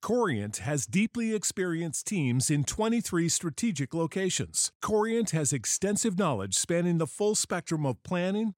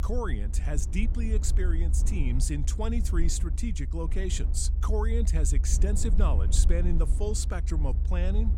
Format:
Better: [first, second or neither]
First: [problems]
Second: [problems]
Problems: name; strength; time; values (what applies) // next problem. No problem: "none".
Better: first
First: none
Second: low rumble; noticeable; throughout; 10 dB below the speech